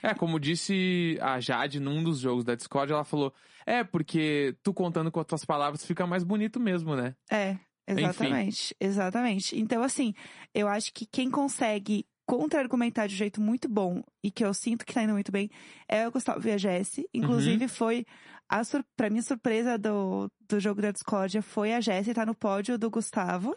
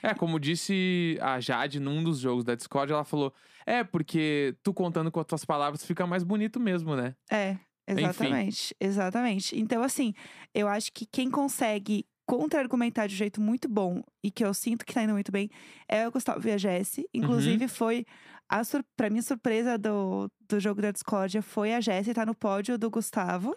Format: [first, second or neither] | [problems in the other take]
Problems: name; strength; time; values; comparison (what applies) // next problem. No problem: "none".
second | garbled, watery; slightly; nothing above 10.5 kHz